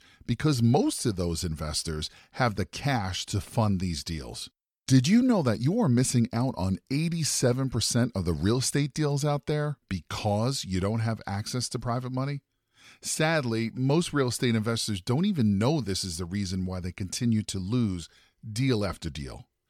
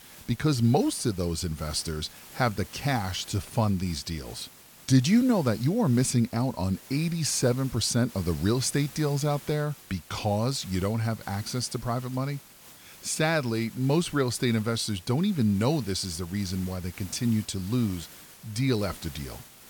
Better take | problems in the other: first | hiss; noticeable; throughout; 20 dB below the speech

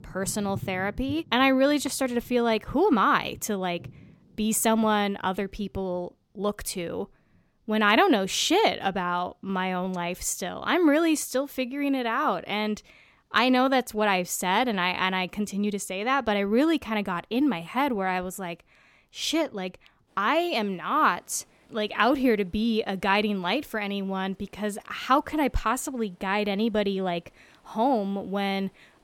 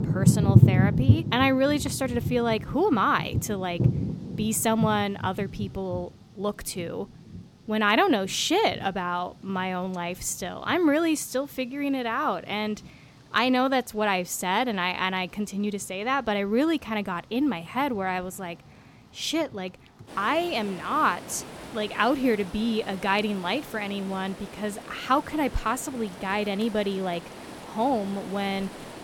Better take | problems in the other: first | rain or running water; loud; throughout; 2 dB below the speech; faint in the first

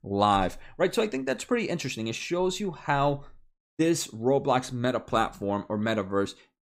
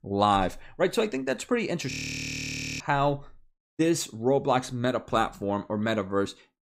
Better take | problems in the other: first | audio freezing; at 2 s for 1 s

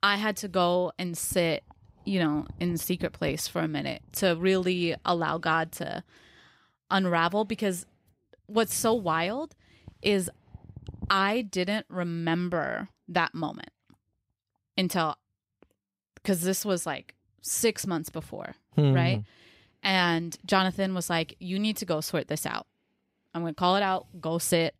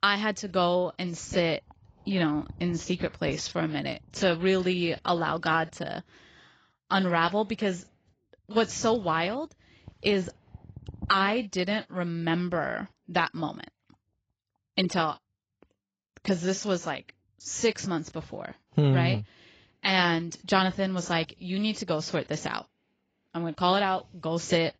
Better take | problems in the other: first | garbled, watery; badly; nothing above 7.5 kHz

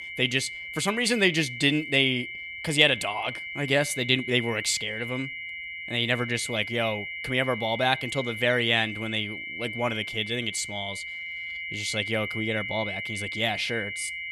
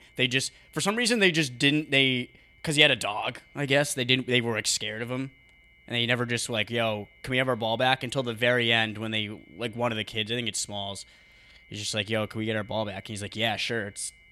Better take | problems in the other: second | high-pitched whine; loud; throughout; 2 kHz, 7 dB below the speech; faint in the second

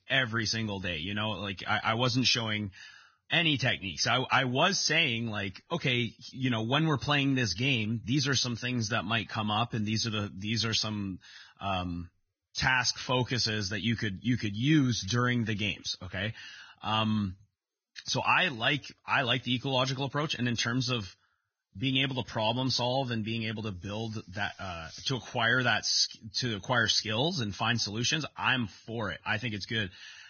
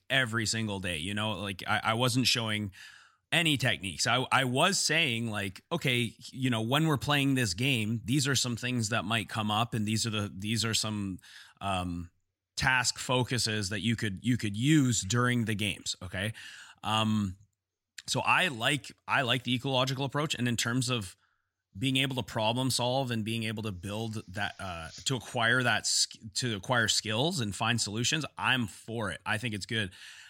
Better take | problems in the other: second | garbled, watery; badly; nothing above 6.5 kHz

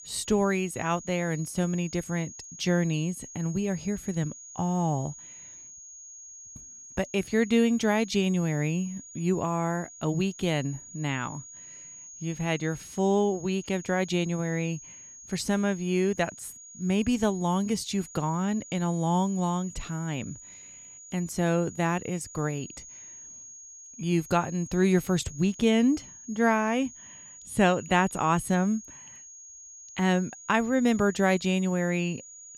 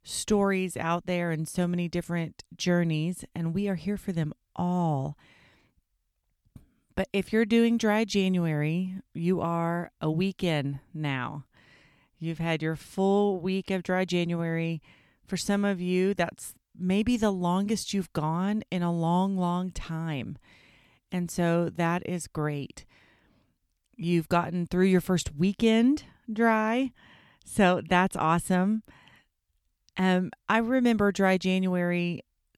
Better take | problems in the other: second | high-pitched whine; noticeable; throughout; 6.5 kHz, 15 dB below the speech

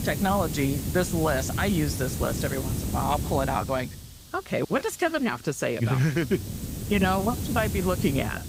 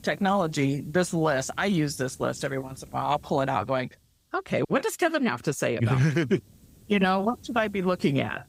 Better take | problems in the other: second | hiss; loud; throughout; 4 dB below the speech; faint in the second

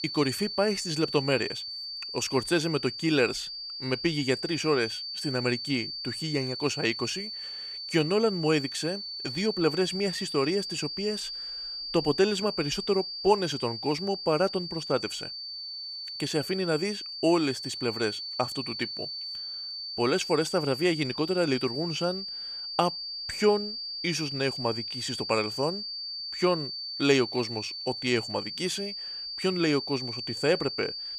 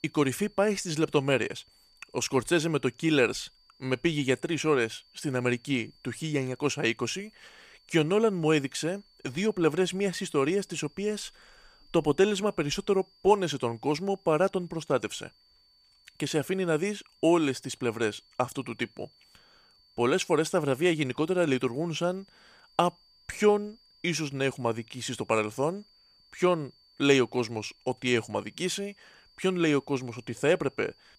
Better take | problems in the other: second | high-pitched whine; loud; throughout; 4.5 kHz, 5 dB below the speech; faint in the second

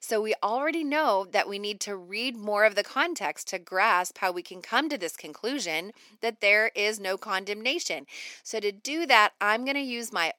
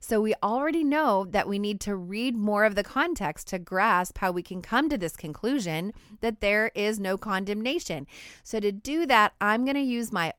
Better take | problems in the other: second | thin; somewhat; fading below 300 Hz

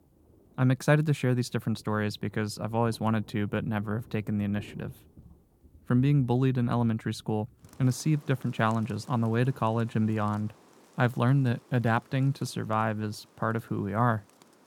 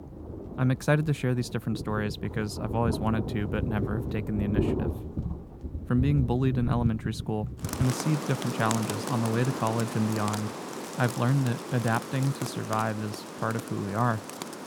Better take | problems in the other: first | rain or running water; loud; throughout; 6 dB below the speech; faint in the first

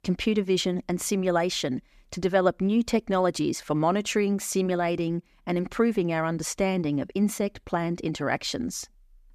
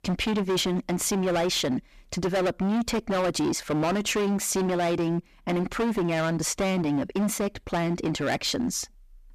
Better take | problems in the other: first | distortion; heavy; 23% of the sound clipped

